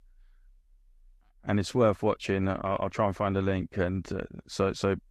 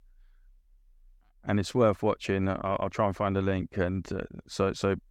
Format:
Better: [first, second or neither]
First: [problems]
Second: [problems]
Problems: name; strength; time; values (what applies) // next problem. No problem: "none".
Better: second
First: garbled, watery; slightly; nothing above 12.5 kHz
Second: none